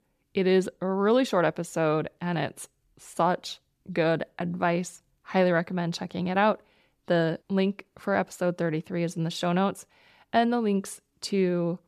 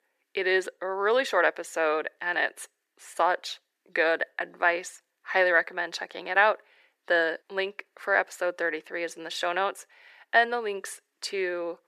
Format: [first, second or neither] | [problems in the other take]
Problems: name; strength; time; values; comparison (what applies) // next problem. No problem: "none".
first | thin; very; fading below 400 Hz